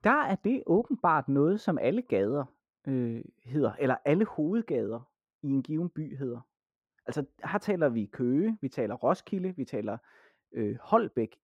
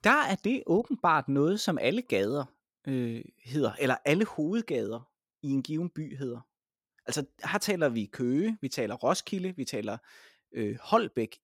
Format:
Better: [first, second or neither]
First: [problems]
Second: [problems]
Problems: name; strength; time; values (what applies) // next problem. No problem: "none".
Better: second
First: muffled; very; fading above 2.5 kHz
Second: none